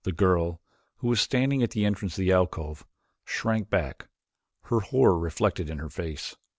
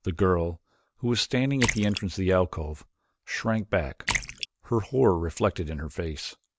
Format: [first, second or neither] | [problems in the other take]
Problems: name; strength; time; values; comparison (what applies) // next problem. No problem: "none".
first | background sound (Splash, splatter); 9 dB below the speech